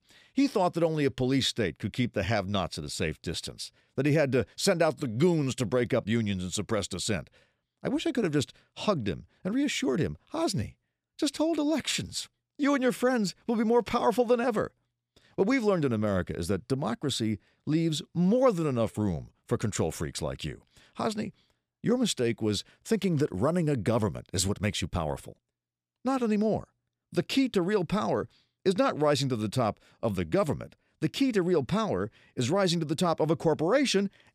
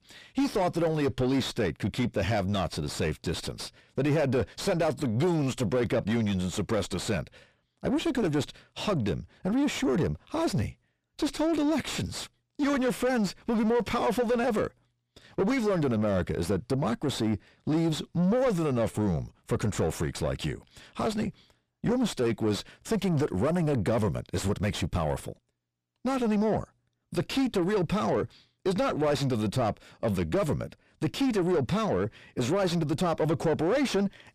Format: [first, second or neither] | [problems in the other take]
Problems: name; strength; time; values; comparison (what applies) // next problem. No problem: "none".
first | distortion; heavy; 6 dB below the speech